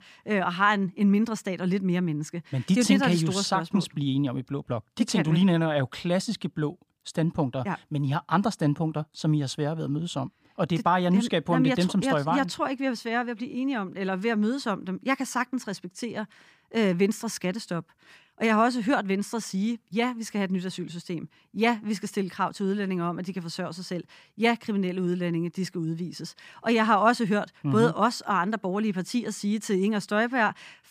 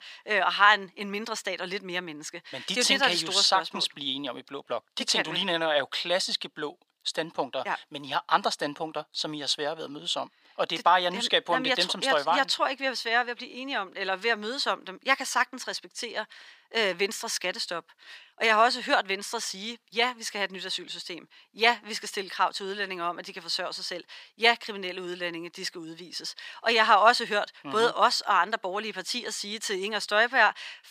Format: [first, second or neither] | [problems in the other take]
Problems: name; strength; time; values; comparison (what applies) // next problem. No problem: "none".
first | thin; very; fading below 600 Hz